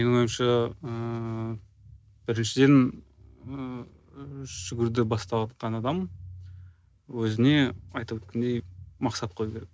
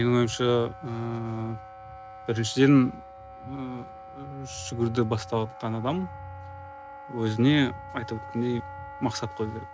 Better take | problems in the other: first | background sound (Wind instrument, woodwind instrument); 15 dB below the speech

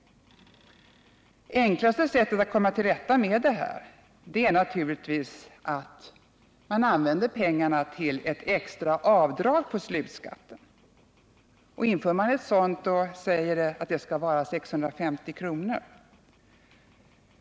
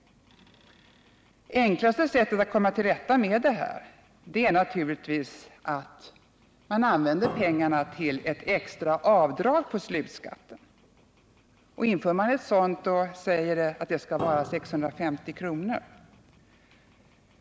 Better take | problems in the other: first | background sound (Piano); 13 dB below the speech

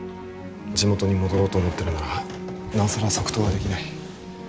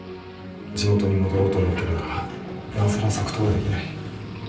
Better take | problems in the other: first | background sound (Motor vehicle (road)); 17 dB below the speech // room echo; dies away in 0.6 s

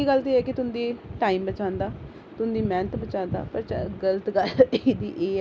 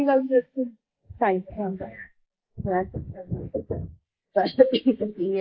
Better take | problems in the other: first | noise reduction (neural mask model Resemble Enhance denoiser)

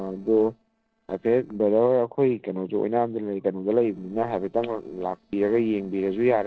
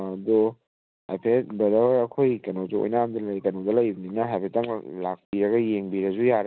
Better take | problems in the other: second | noise reduction (neural separator model SepFormer DNS4)

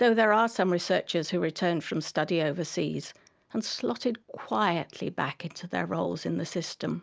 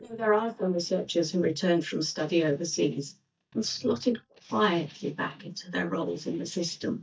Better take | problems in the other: first | noise reduction (neural mask model DeepFilterNet 3)

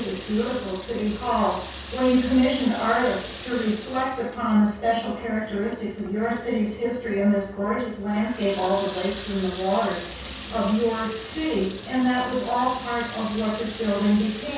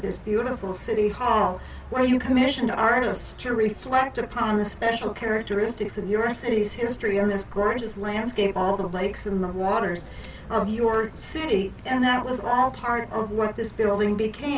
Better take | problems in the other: second | background sound (Water tap, faucet); 16 dB below the speech // room echo; dies away in 0.7 s

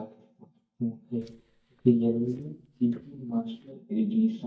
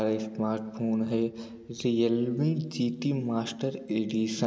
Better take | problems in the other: second | noise reduction (neural mask model DeepFilterNet 3)

